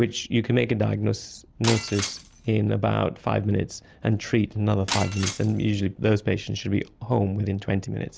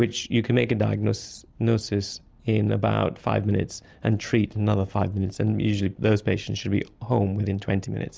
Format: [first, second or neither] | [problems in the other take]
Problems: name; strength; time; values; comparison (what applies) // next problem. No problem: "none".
second | background sound (Shatter); 10 dB below the speech